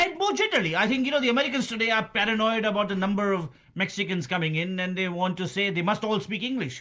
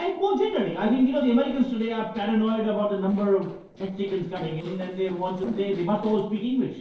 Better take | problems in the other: first | noise reduction (neural separator model SepFormer DNS4)

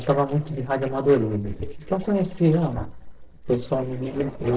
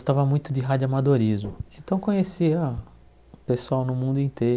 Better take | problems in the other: second | noise reduction (neural separator model SepFormer DNS4)

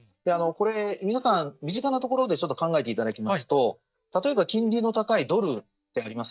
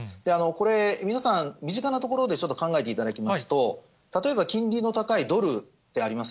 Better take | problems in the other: second | noise reduction (neural mask model DeepFilterNet 3)

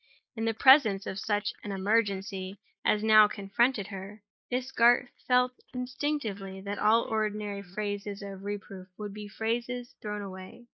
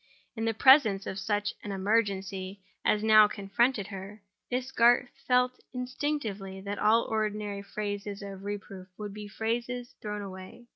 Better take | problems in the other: second | noise reduction (neural mask model Resemble Enhance denoiser)

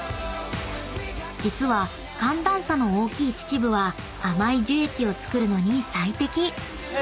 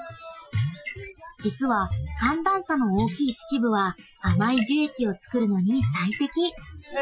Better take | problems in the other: first | noise reduction (classical method Wiener filter)

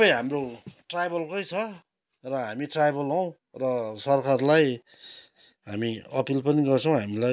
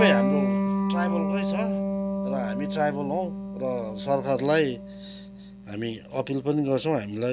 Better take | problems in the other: first | background sound (Electric guitar); as loud as the speech

